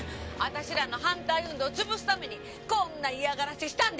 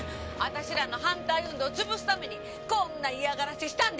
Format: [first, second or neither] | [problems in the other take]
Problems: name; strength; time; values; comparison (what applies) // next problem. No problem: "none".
first | background sound (Wind instrument, woodwind instrument); 12 dB below the speech